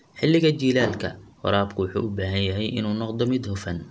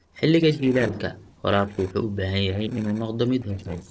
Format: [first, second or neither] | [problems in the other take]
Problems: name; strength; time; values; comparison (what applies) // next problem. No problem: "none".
first | noise reduction (neural separator model SepFormer DNS4)